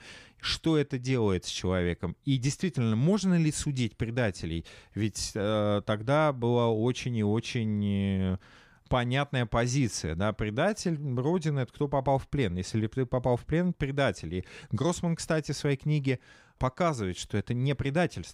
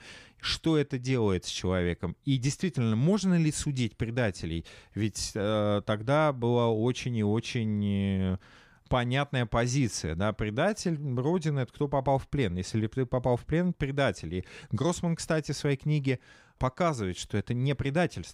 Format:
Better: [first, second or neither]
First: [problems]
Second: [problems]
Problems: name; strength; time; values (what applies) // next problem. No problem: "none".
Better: neither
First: none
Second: none